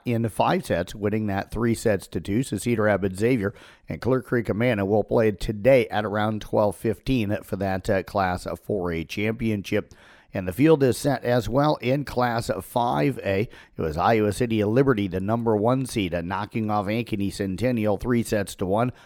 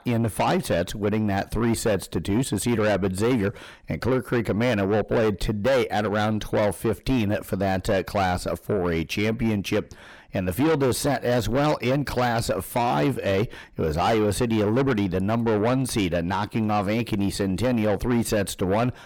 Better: first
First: none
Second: distortion; heavy; 8 dB below the speech

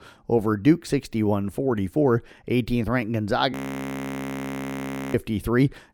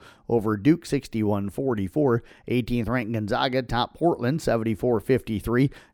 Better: second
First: audio freezing; at 3.5 s for 1.5 s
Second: none

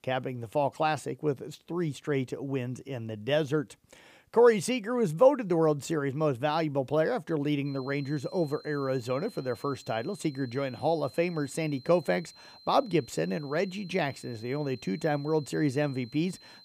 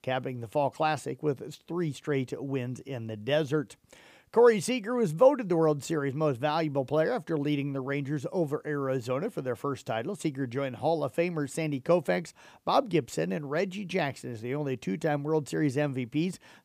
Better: second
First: high-pitched whine; faint; from 7.5 s on; 4 kHz, 20 dB below the speech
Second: none

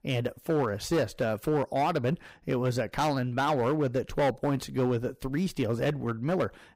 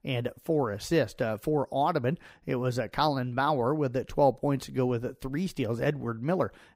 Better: second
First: distortion; slight; 8% of the sound clipped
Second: none

